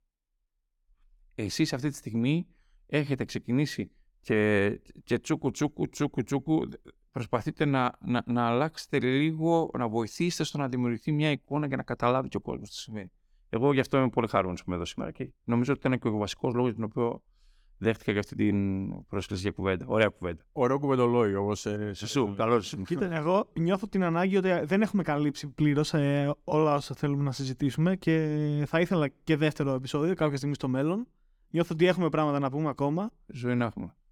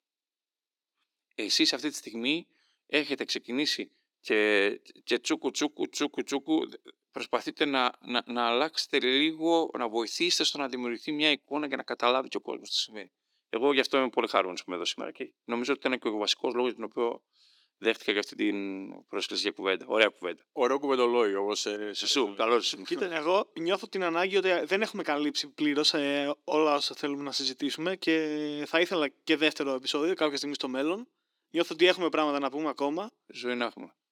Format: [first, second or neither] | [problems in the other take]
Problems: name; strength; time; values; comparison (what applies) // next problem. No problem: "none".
first | thin; very slightly; fading below 300 Hz